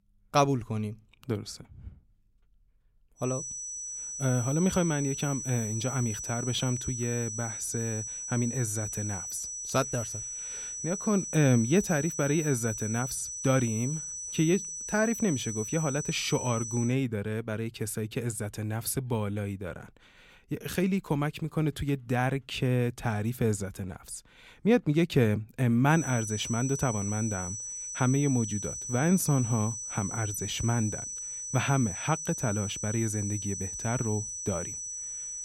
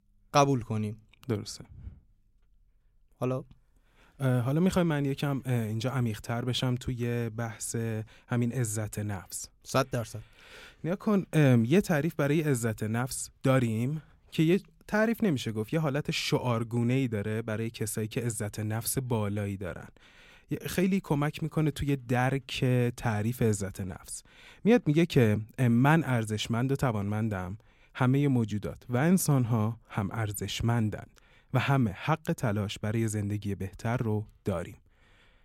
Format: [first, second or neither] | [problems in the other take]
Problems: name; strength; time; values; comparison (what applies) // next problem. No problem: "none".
second | high-pitched whine; loud; from 3 to 17 s and from 26 s on; 6 kHz, 5 dB below the speech